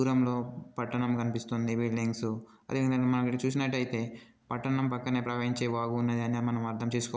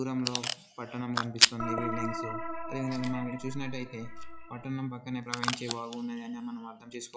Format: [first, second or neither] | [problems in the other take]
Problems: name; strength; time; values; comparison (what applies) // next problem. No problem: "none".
first | noise reduction (classical method log-MMSE)